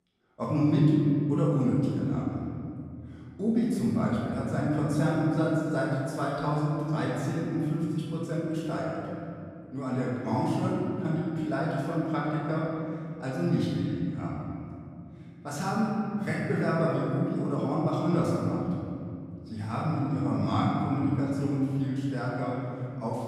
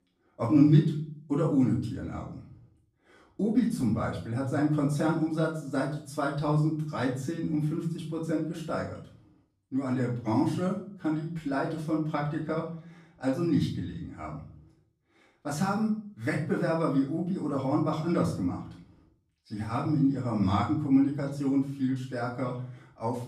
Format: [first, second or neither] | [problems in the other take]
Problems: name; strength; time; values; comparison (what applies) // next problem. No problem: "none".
second | room echo; strong; dies away in 2.7 s; slight in the second // off-mic speech; far; far in the second